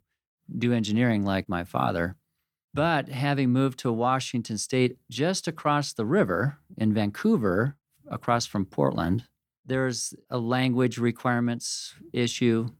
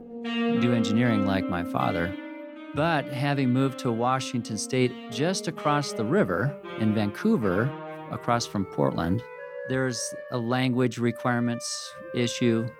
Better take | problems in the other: first | background music; loud; throughout; 9 dB below the speech

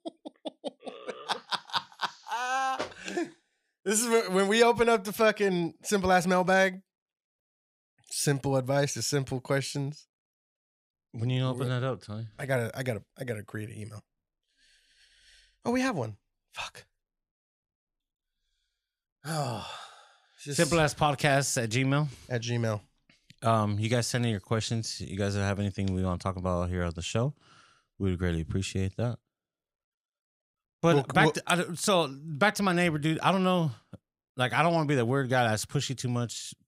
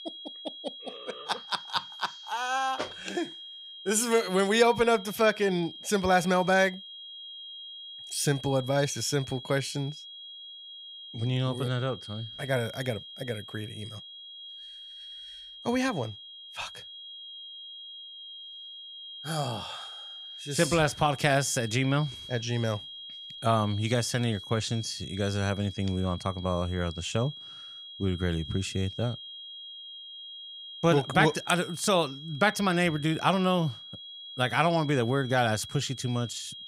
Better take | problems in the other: first | high-pitched whine; noticeable; throughout; 3.5 kHz, 15 dB below the speech

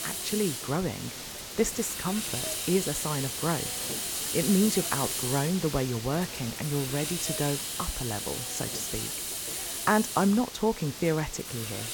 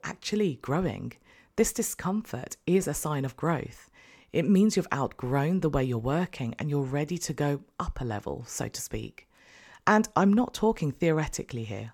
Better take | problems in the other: second | hiss; loud; throughout; 2 dB below the speech

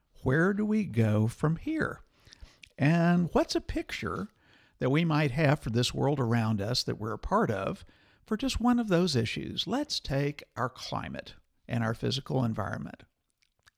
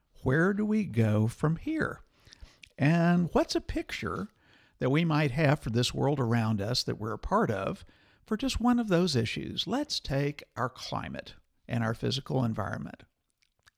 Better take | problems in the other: neither | none

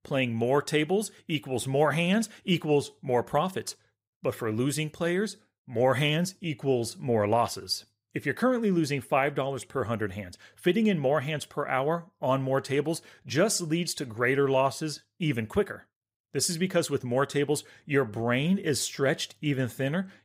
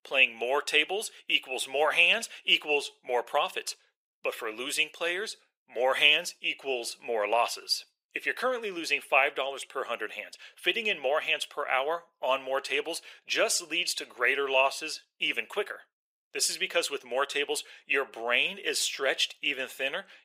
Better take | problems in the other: first | thin; very; fading below 500 Hz

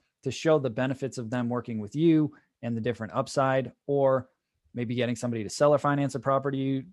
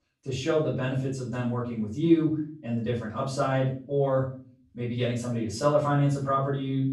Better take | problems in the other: first | off-mic speech; far // room echo; noticeable; dies away in 0.4 s

